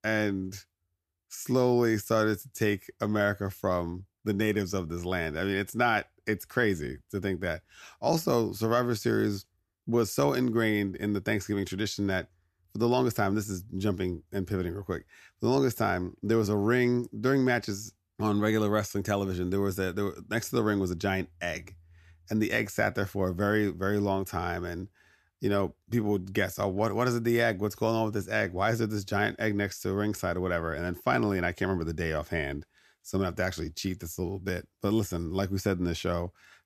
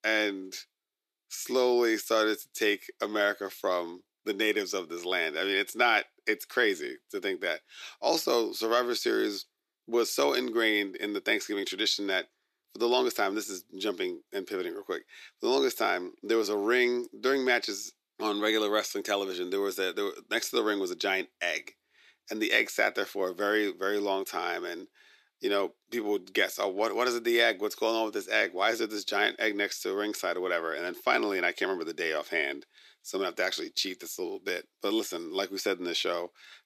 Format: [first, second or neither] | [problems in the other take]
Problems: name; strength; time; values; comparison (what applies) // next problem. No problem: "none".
first | thin; somewhat; fading below 350 Hz